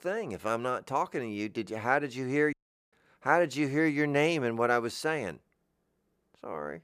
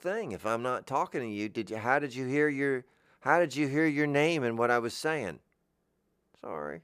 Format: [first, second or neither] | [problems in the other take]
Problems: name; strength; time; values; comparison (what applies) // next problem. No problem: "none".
second | audio cutting out; at 2.5 s